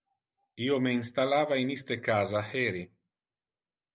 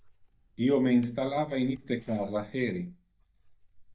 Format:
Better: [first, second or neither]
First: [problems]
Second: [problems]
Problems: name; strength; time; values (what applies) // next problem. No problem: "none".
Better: first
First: none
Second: noise reduction (neural mask model DeepFilterNet 3)